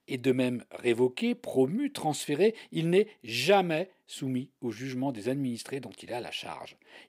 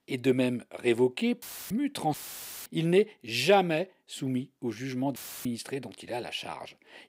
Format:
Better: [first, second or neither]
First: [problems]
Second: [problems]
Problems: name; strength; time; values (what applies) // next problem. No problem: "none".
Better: first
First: none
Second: audio cutting out; filled with static; at 1.5 s, at 2 s for 0.5 s and at 5 s